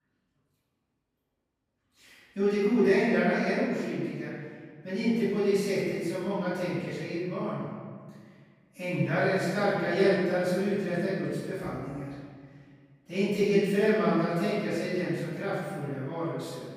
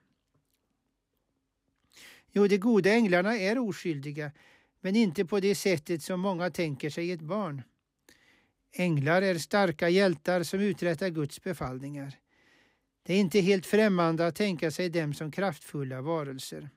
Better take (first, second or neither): second